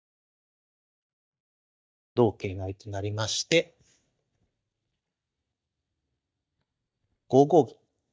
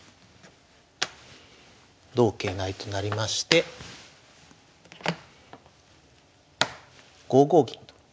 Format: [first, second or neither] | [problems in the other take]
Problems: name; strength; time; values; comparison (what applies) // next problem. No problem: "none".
second | noise reduction (neural mask model DeepFilterNet 3)